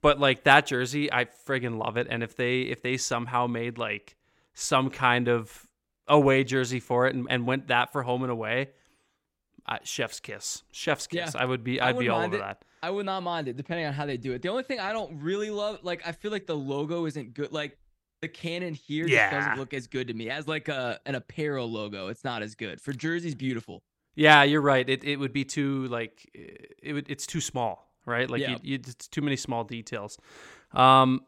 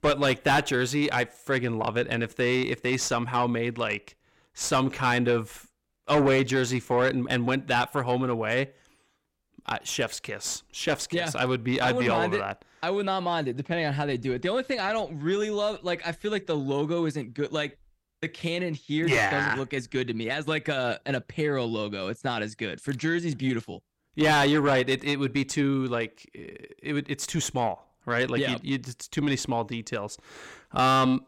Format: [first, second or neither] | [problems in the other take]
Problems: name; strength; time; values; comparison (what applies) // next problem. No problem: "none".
first | distortion; heavy; 6 dB below the speech